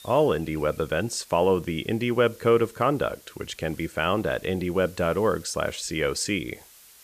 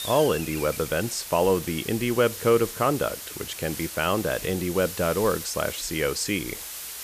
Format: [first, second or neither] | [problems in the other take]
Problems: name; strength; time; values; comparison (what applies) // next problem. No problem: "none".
first | hiss; loud; throughout; 9 dB below the speech; faint in the first